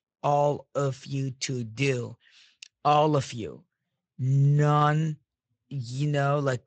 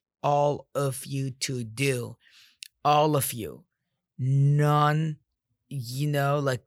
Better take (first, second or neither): second